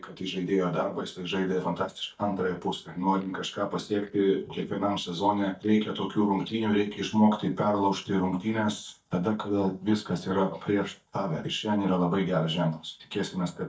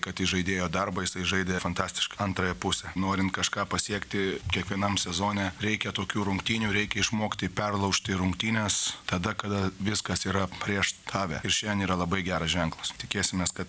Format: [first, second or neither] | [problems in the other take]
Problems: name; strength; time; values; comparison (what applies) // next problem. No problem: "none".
second | noise reduction (neural mask model DeepFilterNet 3)